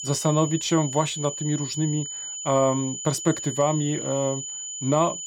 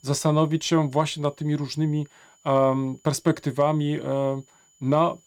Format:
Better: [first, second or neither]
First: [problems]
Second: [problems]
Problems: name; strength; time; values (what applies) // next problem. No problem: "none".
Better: second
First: high-pitched whine; loud; throughout; 7 kHz, 6 dB below the speech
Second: high-pitched whine; faint; throughout; 7 kHz, 35 dB below the speech